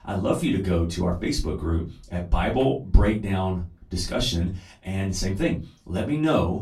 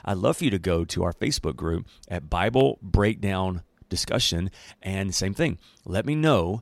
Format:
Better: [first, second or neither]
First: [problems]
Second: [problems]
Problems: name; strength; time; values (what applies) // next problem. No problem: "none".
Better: second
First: off-mic speech; far // room echo; slight; dies away in 0.2 s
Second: none